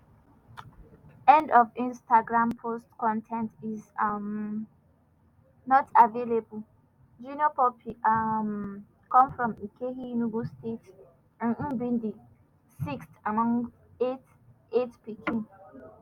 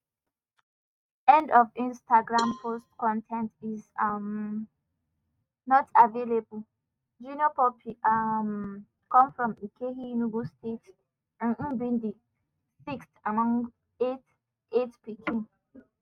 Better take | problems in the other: first | noise reduction (neural mask model RNNoise)

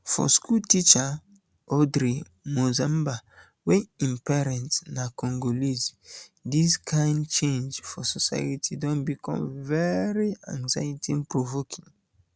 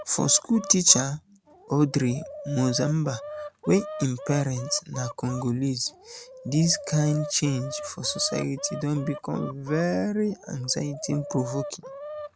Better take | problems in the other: first | background sound (Chicken, rooster); 13 dB below the speech

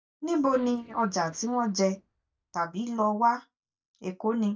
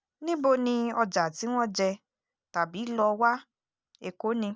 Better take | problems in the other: second | noise reduction (neural mask model DeepFilterNet 3)

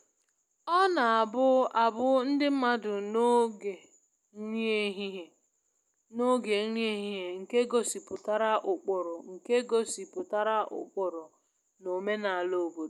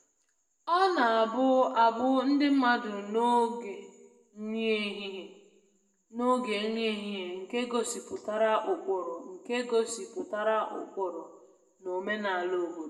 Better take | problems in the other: first | room echo; dies away in 0.7 s

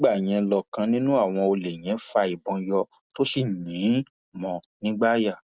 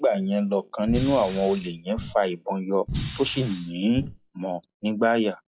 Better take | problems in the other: first | noise reduction (classical method log-MMSE)

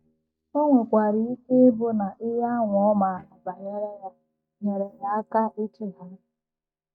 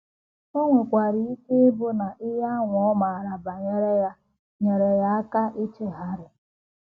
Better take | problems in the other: second | noise reduction (neural mask model DeepFilterNet 3)

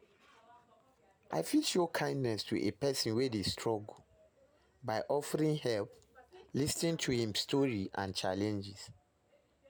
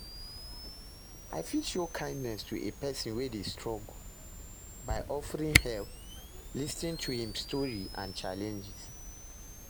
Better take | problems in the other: first | background sound (Camera); 1 dB below the speech

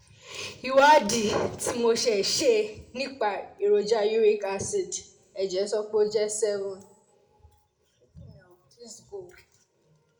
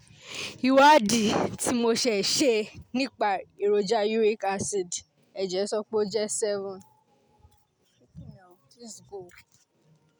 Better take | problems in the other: second | room echo; dies away in 0.4 s

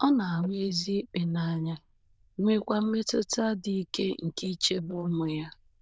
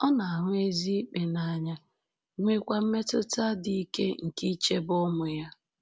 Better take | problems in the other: second | noise reduction (neural diffusion model UNIVERSE++)

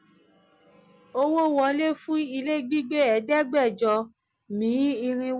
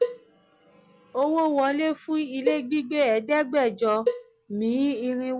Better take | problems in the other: first | background sound (Cowbell); 7 dB below the speech

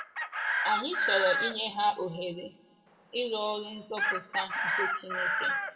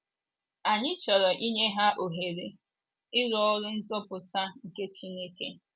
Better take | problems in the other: second | background sound (Chicken, rooster); 1 dB above the speech // room echo; dies away in 1.1 s

